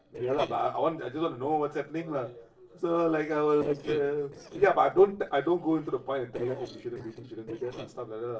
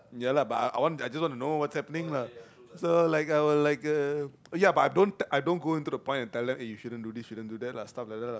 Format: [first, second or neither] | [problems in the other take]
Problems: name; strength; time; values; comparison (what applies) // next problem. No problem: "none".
second | noise reduction (neural separator model SepFormer DNS4)